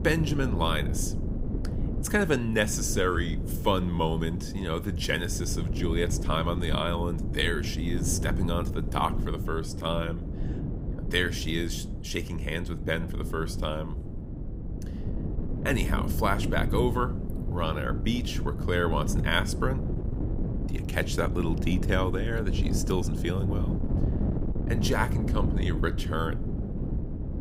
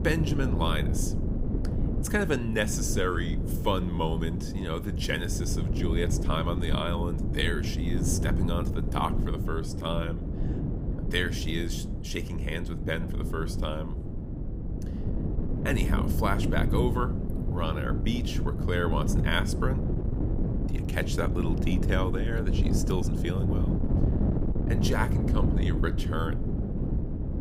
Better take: first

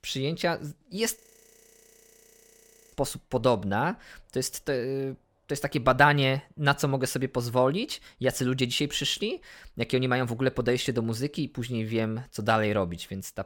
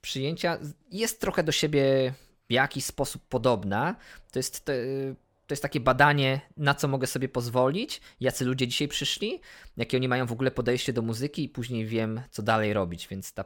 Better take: second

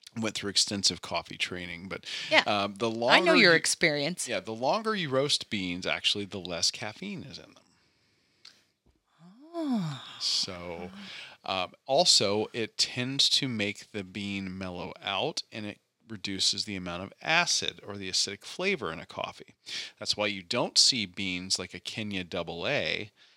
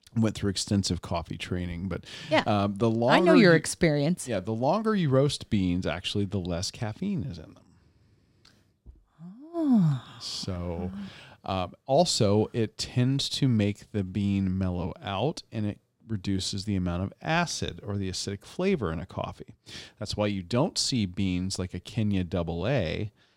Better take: second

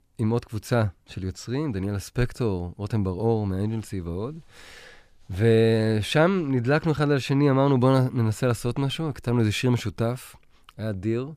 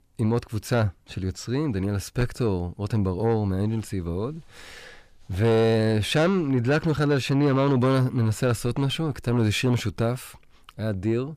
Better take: first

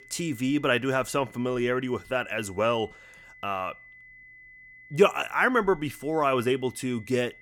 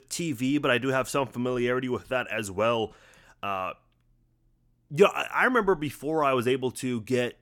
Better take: second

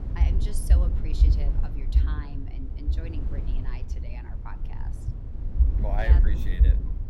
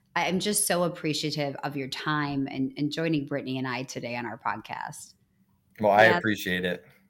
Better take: second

